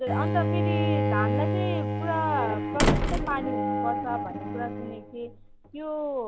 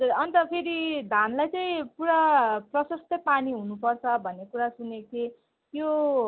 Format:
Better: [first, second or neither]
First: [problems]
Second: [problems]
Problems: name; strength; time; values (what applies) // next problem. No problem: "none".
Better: second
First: background sound (Bowed string instrument + Slam); 5 dB above the speech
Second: none